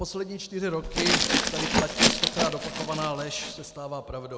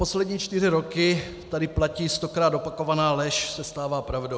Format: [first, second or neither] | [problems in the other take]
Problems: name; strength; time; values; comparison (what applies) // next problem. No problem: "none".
second | background sound (Glass); 5 dB above the speech